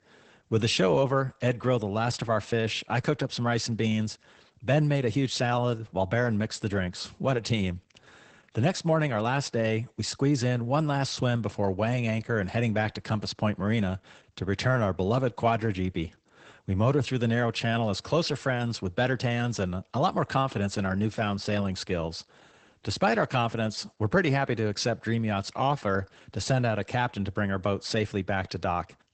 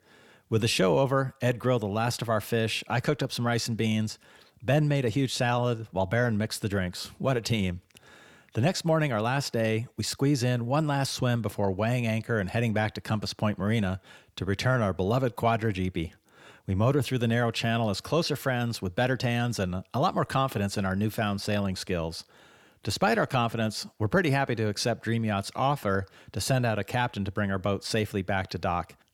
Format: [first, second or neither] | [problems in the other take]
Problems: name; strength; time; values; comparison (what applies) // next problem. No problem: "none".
second | garbled, watery; badly; nothing above 8 kHz